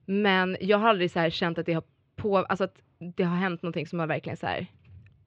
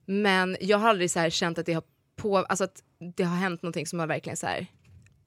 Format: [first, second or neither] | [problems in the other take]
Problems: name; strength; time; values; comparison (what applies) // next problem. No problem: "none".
second | muffled; slightly; fading above 3.5 kHz